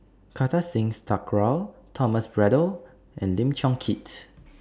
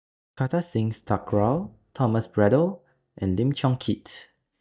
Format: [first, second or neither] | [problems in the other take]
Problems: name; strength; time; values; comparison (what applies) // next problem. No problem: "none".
first | noise reduction (neural mask model DeepFilterNet 3)